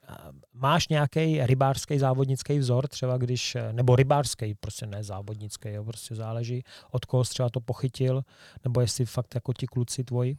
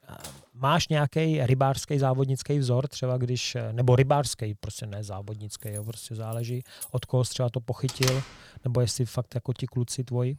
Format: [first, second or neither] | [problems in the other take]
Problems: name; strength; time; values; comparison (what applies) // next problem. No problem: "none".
first | clattering dishes; faint; at the start; peak 15 dB below the speech // jangling keys; faint; from 5.5 to 7 s; peak 15 dB below the speech // door banging; noticeable; at 8 s; peak 2 dB below the speech